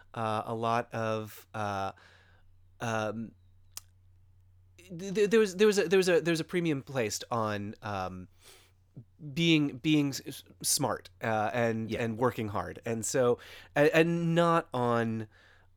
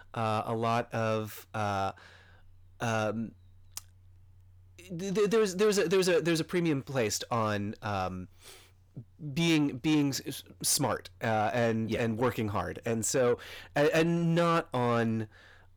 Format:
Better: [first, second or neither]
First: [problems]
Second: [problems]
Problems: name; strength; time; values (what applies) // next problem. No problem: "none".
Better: first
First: none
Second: distortion; slight; 10 dB below the speech